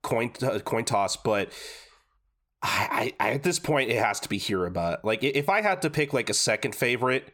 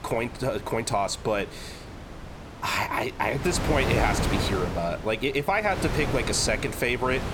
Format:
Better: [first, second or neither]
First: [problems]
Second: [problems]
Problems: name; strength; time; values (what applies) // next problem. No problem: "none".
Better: first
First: none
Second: wind noise on the microphone; heavy; 9 dB below the speech